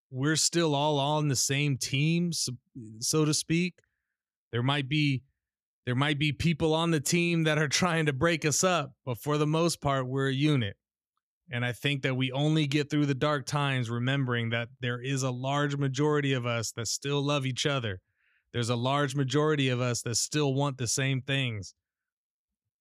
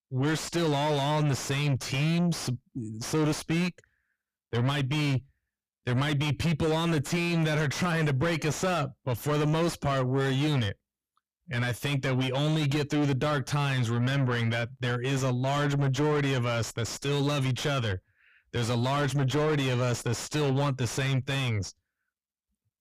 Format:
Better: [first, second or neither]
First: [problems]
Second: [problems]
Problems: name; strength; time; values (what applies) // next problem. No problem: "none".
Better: first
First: none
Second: distortion; heavy; 6 dB below the speech